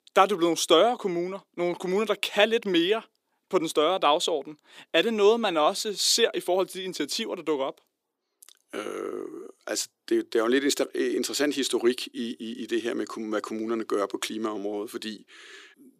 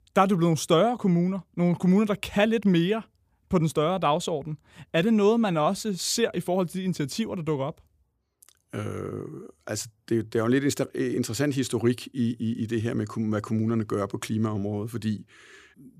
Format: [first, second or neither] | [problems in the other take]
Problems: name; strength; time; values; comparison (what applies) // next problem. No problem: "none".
second | thin; somewhat; fading below 300 Hz